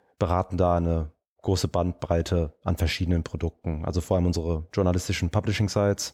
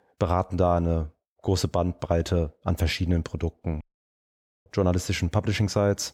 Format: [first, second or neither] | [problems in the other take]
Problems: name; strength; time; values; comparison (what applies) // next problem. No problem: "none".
first | audio cutting out; at 4 s for 1 s